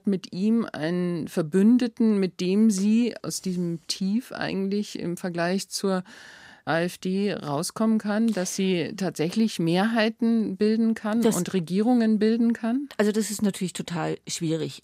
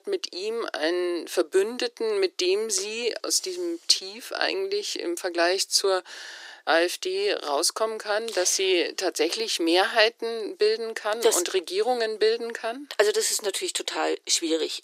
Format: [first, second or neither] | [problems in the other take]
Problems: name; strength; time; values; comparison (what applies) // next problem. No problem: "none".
first | thin; very; fading below 350 Hz